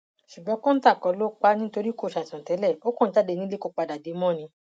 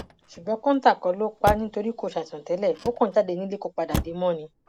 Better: first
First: none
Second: background sound (Motor vehicle (road)); 11 dB below the speech

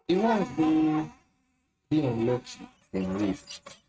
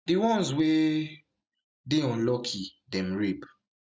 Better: second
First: noise reduction (neural mask model RNNoise)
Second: none

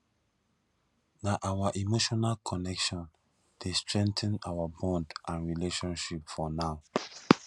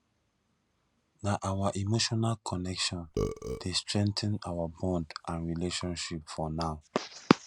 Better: first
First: none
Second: background sound (Burping, eructation); 6 dB below the speech

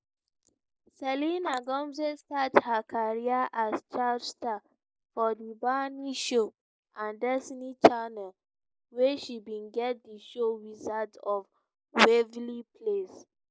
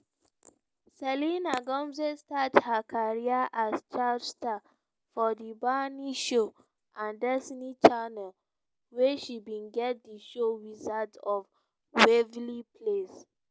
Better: second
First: noise reduction (neural mask model Resemble Enhance denoiser)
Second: none

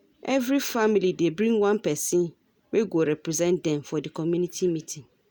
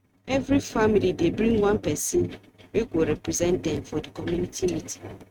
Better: first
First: none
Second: noise reduction (neural mask model RNNoise)

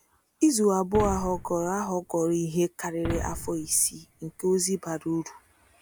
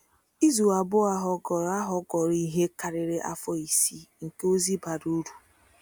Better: second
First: background sound (Boom); 10 dB below the speech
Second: none

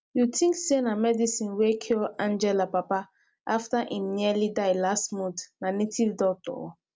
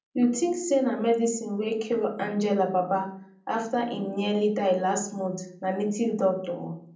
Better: first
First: none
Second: room echo; dies away in 0.6 s

